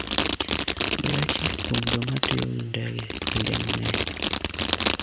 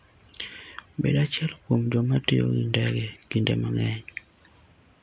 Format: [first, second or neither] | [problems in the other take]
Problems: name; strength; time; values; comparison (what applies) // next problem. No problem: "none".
second | background sound (Fireworks); 3 dB above the speech